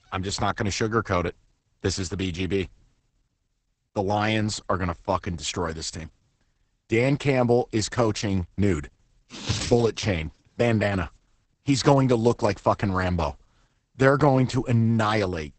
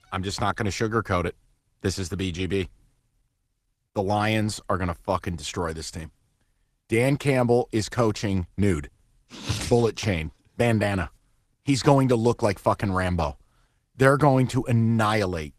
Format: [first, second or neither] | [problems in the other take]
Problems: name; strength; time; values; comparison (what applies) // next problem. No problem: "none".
second | garbled, watery; badly; nothing above 8 kHz; slightly in the second